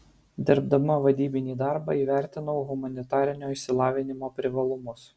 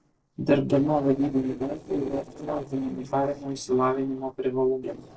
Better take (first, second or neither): first